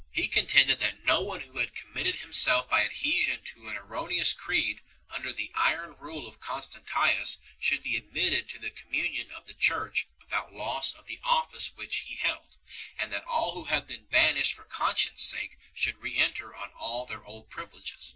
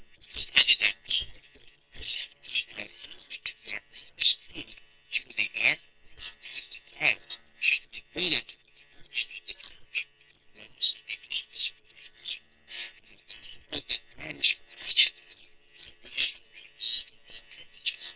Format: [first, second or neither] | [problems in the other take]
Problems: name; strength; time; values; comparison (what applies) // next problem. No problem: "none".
first | noise reduction (neural separator model SepFormer WHAM!)